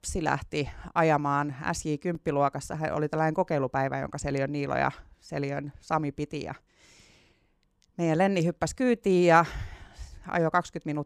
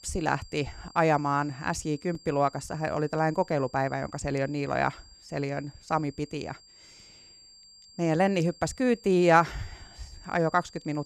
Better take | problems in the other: first | high-pitched whine; faint; throughout; 4.5 kHz, 25 dB below the speech

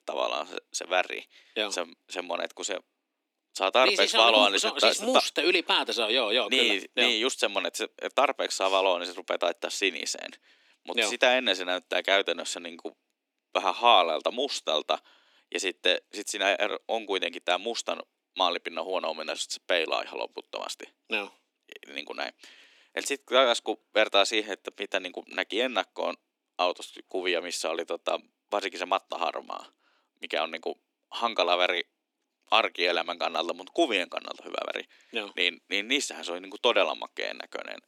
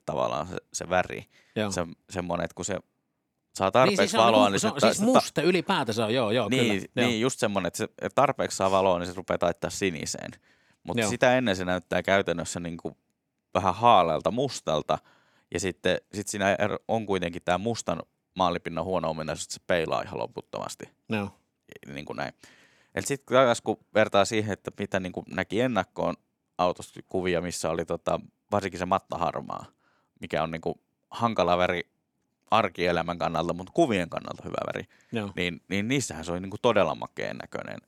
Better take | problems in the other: second | thin; somewhat; fading below 300 Hz

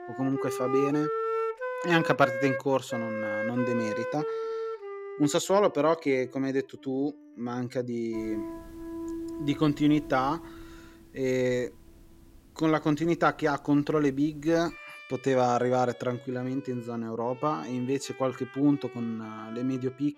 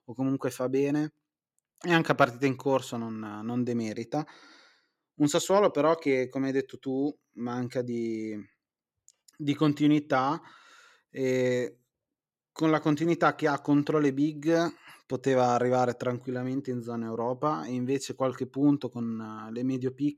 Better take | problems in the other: second | background music; loud; throughout; 7 dB below the speech

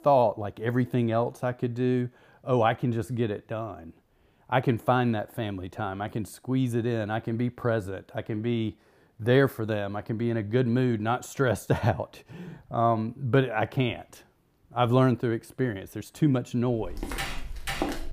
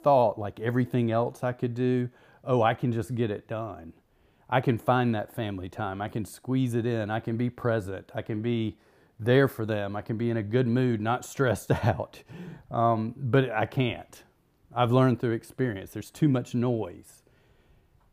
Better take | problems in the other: second | footsteps; noticeable; from 17 s on; peak 4 dB below the speech

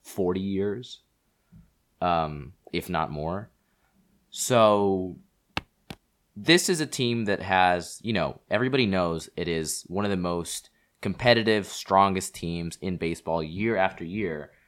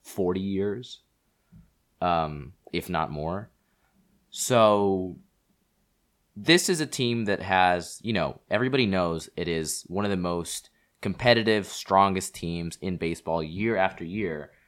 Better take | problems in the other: second | footsteps; very faint; at 5.5 s; peak 10 dB below the speech

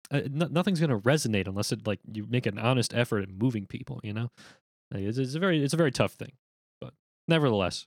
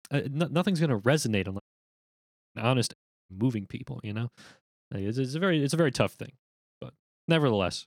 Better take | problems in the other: first | audio cutting out; at 1.5 s for 1 s and at 3 s

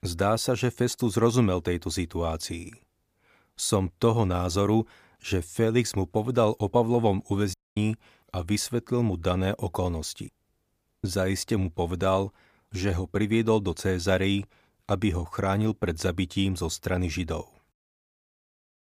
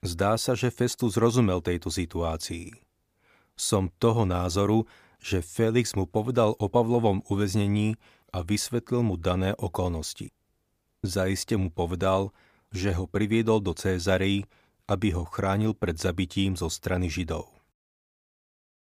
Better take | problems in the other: second | audio cutting out; at 7.5 s

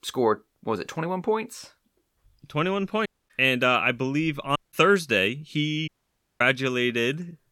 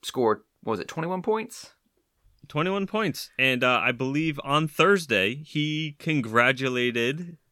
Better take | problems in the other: second | audio cutting out; at 3 s, at 4.5 s and at 6 s for 0.5 s

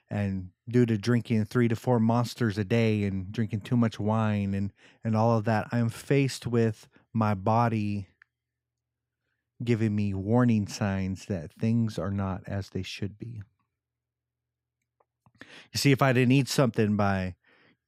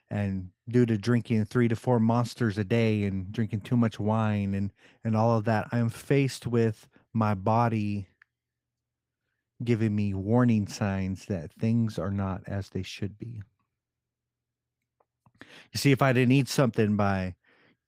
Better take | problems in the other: first | garbled, watery; slightly; nothing above 15.5 kHz

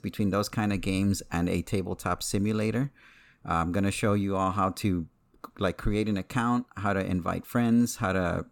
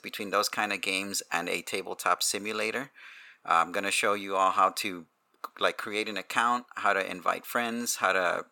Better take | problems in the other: first | thin; very; fading below 600 Hz

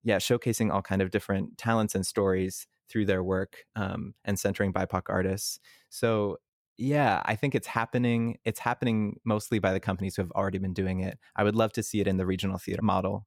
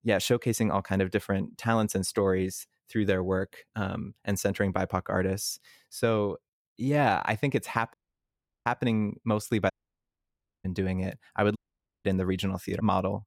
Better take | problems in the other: first | audio cutting out; at 8 s for 0.5 s, at 9.5 s for 1 s and at 12 s

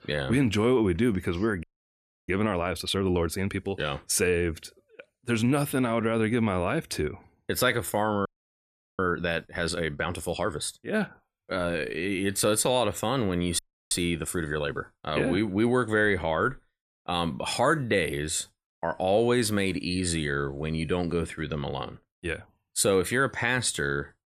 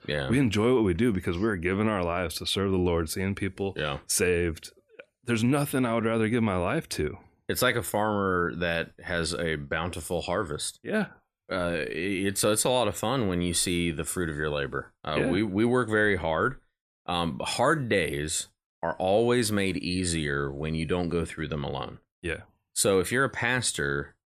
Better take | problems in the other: second | audio freezing; at 1.5 s for 0.5 s, at 8.5 s for 0.5 s and at 14 s

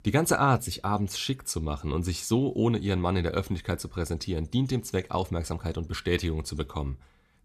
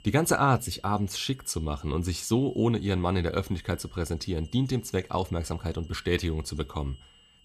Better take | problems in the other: first | high-pitched whine; faint; throughout; 3 kHz, 30 dB below the speech

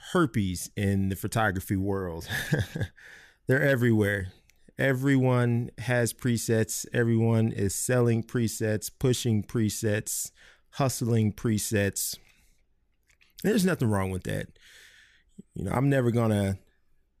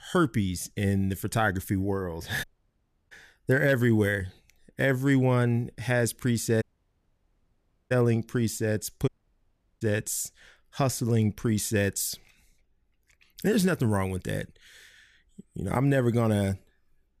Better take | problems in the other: first | audio cutting out; at 2.5 s for 0.5 s, at 6.5 s for 1.5 s and at 9 s for 0.5 s

